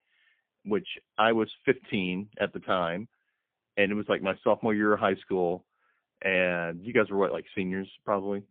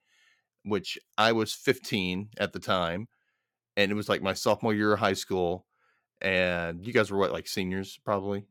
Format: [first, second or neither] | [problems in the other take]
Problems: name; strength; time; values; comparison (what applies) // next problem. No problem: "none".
second | phone-call audio; poor line; nothing above 3.5 kHz